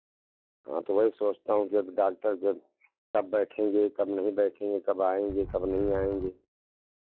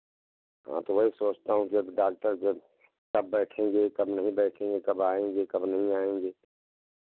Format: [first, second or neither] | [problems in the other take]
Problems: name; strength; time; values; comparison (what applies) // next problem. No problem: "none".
second | noise reduction (classical method log-MMSE)